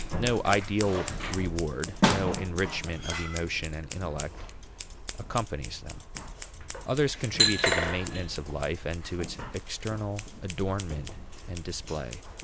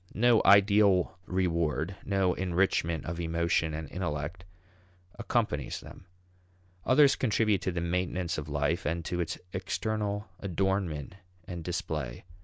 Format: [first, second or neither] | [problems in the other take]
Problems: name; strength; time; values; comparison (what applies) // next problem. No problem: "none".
second | background sound (Scissors); 1 dB below the speech